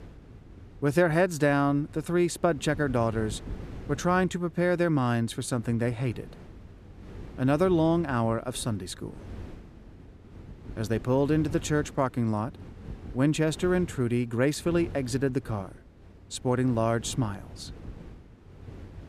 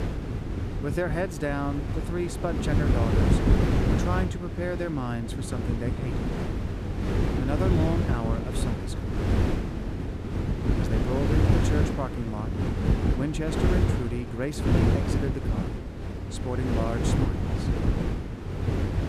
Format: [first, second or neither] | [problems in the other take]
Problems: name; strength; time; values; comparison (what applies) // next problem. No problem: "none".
first | wind noise on the microphone; heavy; as loud as the speech; occasional gusts in the first